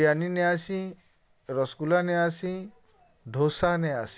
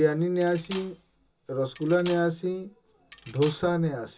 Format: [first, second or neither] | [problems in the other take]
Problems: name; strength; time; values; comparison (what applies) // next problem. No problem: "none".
first | background sound (Cutlery, silverware); 20 dB below the speech // room echo; dies away in 0.2 s